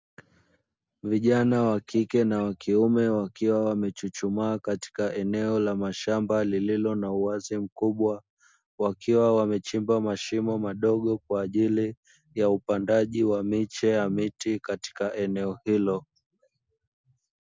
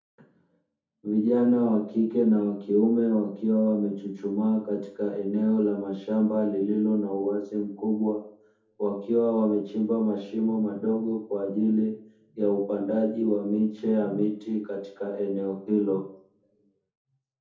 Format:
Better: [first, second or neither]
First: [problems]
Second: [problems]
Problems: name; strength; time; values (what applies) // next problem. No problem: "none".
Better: first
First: none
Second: room echo; dies away in 0.5 s